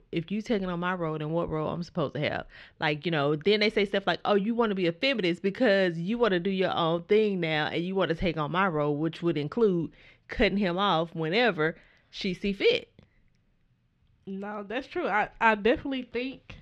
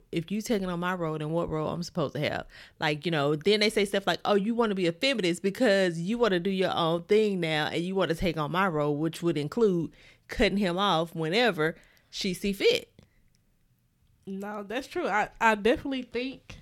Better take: second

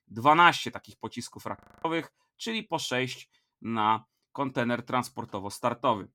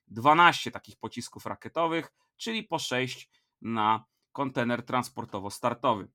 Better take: second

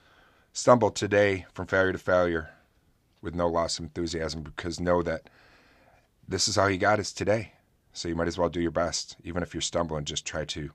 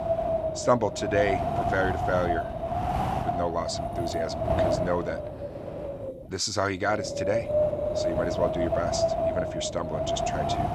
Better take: first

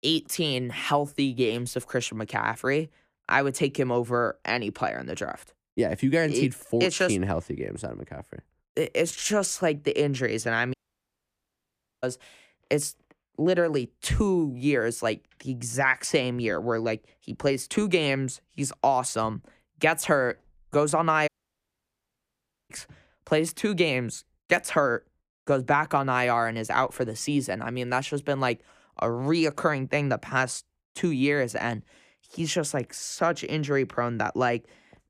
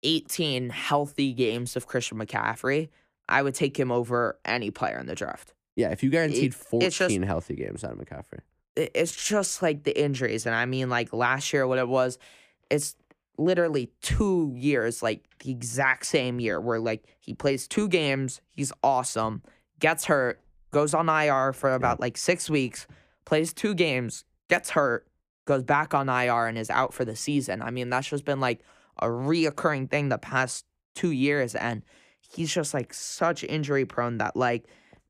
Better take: second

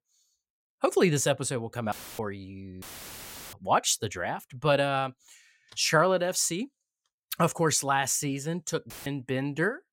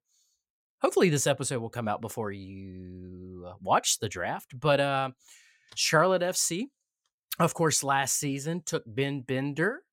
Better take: second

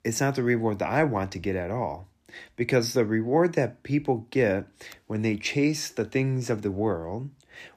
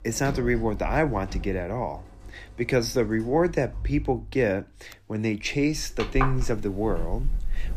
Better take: first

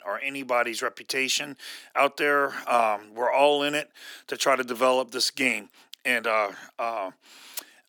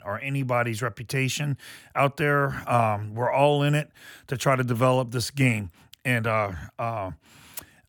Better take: second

